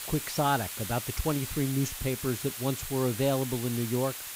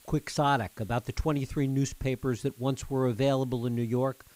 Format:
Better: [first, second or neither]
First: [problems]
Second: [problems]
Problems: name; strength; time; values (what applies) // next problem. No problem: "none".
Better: second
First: hiss; loud; throughout; 6 dB below the speech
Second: hiss; faint; throughout; 25 dB below the speech